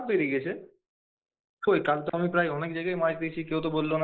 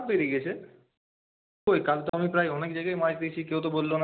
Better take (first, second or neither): second